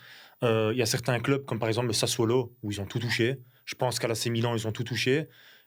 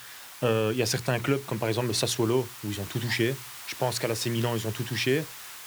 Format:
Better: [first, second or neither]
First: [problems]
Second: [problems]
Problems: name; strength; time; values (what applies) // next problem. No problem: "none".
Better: first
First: none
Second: hiss; noticeable; throughout; 10 dB below the speech